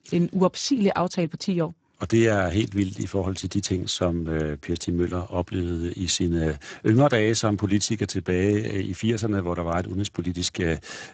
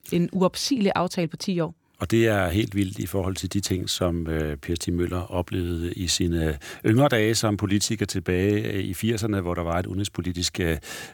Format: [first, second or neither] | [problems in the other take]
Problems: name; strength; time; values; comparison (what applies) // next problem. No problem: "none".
second | garbled, watery; badly; nothing above 7.5 kHz